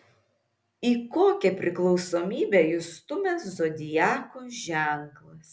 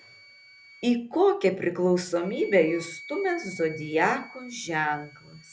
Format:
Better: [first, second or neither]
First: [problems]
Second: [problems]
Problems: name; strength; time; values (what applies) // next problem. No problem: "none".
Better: first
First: none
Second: background sound (Wind instrument, woodwind instrument); 19 dB below the speech